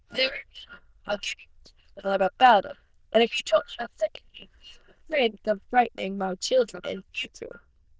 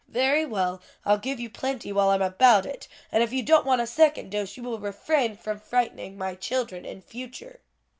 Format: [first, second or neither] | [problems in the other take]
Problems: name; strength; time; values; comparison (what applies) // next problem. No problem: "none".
second | noise reduction (neural diffusion model UNIVERSE++)